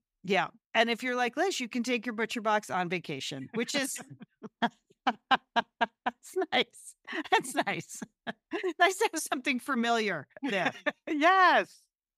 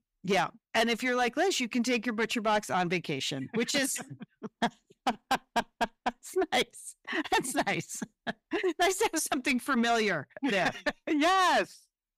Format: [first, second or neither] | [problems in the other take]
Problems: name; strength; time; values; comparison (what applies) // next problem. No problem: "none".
first | distortion; heavy; 7 dB below the speech